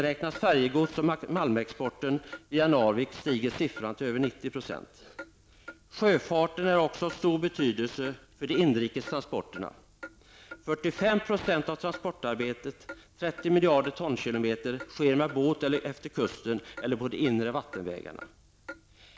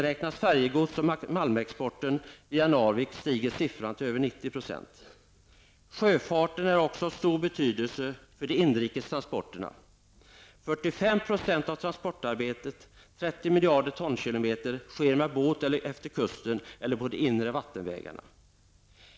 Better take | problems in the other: second | background sound (Clock); 20 dB below the speech

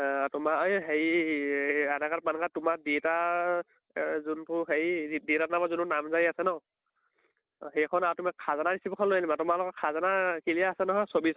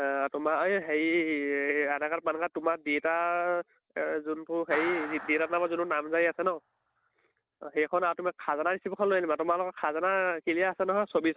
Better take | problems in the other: first | background sound (Clapping); 13 dB below the speech

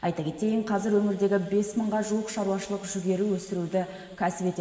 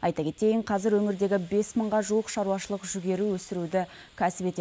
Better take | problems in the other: second | room echo; dies away in 2.8 s

